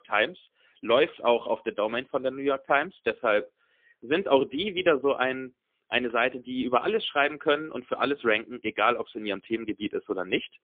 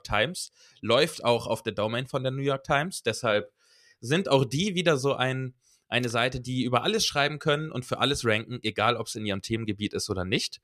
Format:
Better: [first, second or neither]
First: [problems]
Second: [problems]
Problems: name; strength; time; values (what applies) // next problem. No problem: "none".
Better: second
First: phone-call audio; poor line; nothing above 3.5 kHz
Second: none